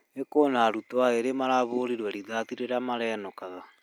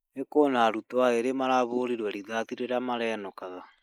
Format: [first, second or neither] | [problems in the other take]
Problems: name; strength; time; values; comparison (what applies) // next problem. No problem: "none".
first | noise reduction (neural mask model Resemble Enhance denoiser)